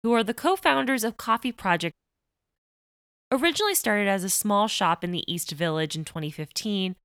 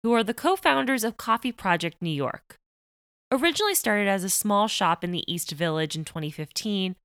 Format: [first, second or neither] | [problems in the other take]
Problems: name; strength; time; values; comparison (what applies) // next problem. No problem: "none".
second | audio cutting out; at 2 s for 0.5 s